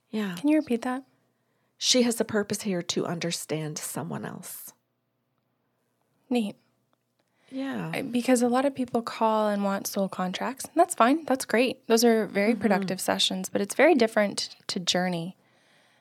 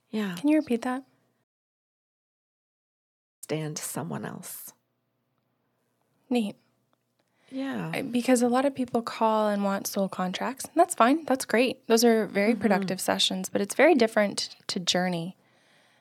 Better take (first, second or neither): first